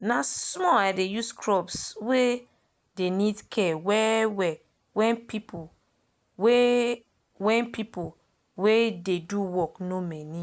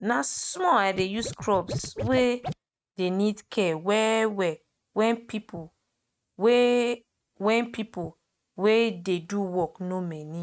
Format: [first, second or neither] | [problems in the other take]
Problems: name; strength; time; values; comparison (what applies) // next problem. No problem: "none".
first | noise reduction (neural mask model RNNoise)